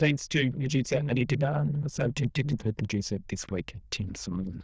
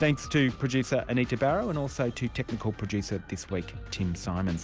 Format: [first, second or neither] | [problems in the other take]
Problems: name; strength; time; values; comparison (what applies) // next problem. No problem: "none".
second | noise reduction (neural diffusion model UNIVERSE++)